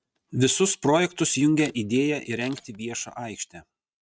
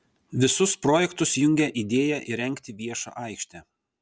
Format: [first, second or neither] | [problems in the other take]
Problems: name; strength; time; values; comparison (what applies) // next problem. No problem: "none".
second | noise reduction (neural mask model RNNoise)